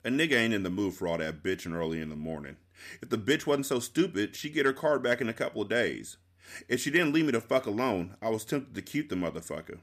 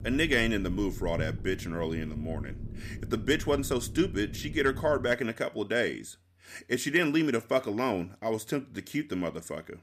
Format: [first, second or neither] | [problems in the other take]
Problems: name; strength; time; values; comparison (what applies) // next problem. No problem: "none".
first | low rumble; faint; until 5 s; 20 dB below the speech